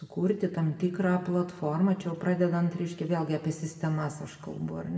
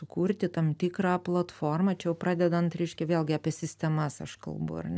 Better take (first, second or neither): second